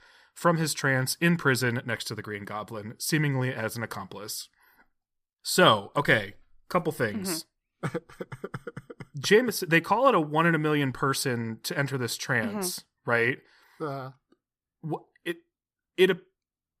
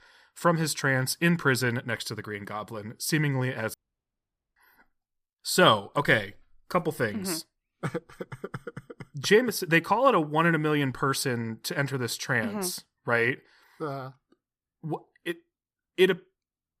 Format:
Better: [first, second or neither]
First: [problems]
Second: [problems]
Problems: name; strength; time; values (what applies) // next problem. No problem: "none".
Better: first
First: none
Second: audio cutting out; at 3.5 s for 1 s